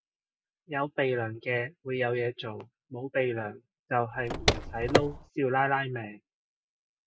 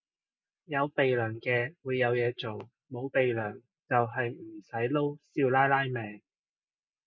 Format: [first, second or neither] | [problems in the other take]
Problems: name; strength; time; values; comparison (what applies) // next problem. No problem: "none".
second | background sound (Car); 3 dB above the speech